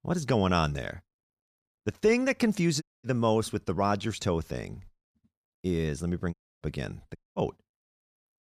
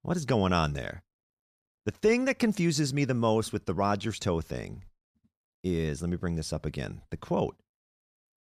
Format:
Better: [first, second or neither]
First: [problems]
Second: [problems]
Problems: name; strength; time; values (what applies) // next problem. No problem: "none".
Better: second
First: audio cutting out; at 3 s, at 6.5 s and at 7 s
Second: none